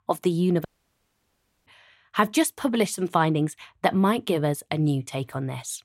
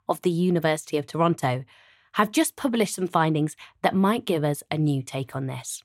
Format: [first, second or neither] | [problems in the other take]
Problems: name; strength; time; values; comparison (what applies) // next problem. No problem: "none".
second | audio cutting out; at 0.5 s for 1 s